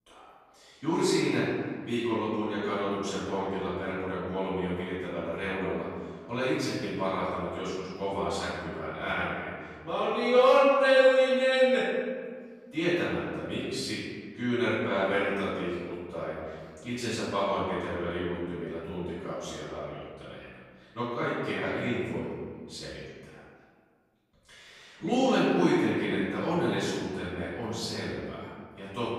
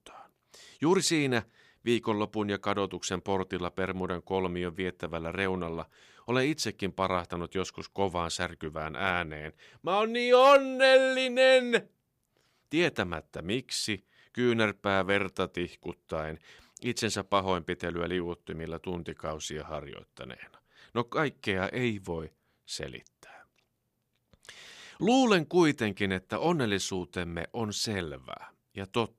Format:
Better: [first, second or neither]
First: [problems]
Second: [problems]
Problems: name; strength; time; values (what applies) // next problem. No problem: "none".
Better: second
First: off-mic speech; far // room echo; strong; dies away in 1.7 s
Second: none